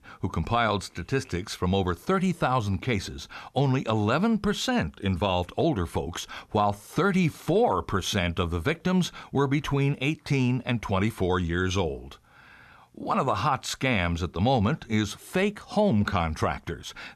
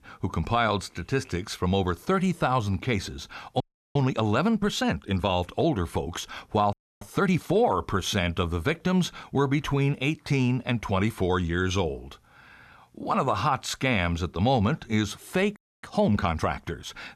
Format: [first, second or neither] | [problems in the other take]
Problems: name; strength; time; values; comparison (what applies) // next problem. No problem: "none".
first | audio freezing; at 3.5 s, at 6.5 s and at 16 s